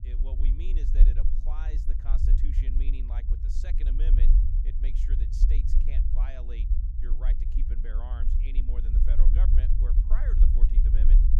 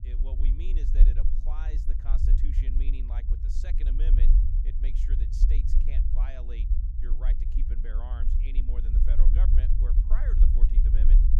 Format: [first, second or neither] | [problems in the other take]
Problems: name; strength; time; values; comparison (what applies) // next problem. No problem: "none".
neither | low rumble; loud; throughout; as loud as the speech; the same in both